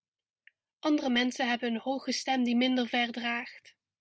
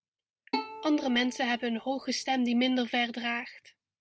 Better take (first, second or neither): first